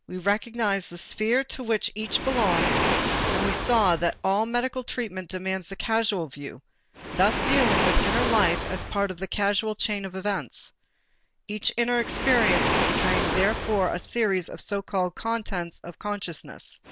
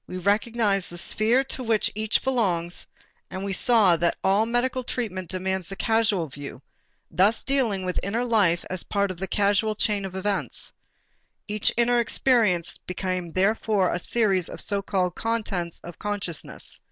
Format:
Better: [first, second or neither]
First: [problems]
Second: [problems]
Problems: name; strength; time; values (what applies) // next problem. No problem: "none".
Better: second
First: background sound (Waves, surf); 3 dB below the speech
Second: none